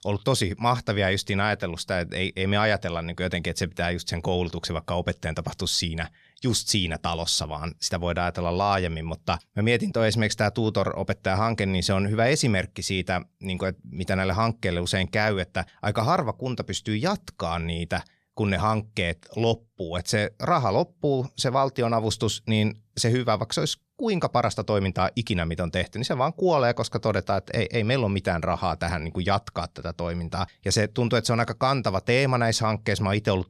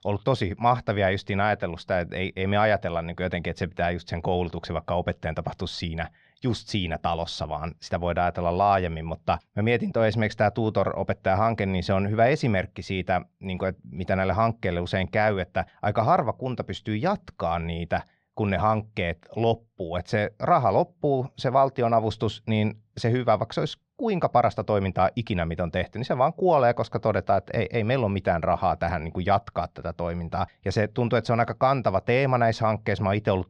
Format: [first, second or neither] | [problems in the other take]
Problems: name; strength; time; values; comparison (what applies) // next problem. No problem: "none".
first | muffled; slightly; fading above 3 kHz